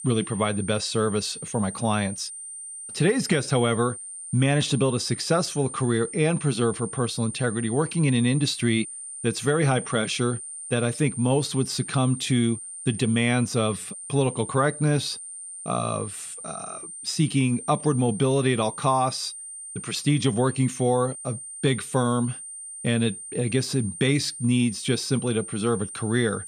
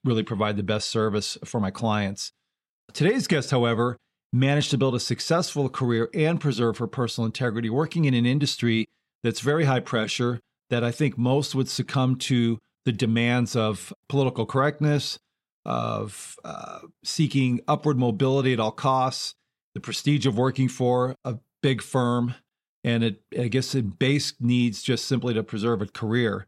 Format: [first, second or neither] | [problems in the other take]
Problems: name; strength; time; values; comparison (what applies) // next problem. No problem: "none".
second | high-pitched whine; noticeable; throughout; 9 kHz, 10 dB below the speech